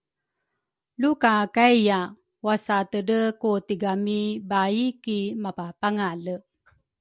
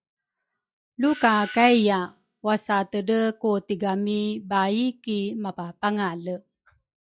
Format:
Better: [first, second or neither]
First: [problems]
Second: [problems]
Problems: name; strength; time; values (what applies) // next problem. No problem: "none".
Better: first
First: none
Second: noise reduction (classical method log-MMSE)